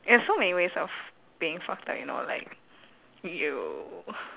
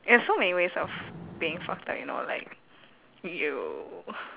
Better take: first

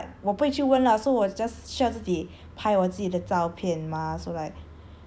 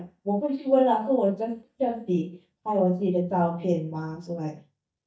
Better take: first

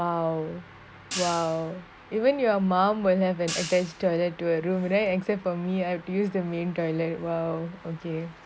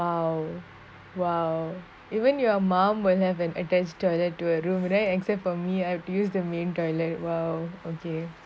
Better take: second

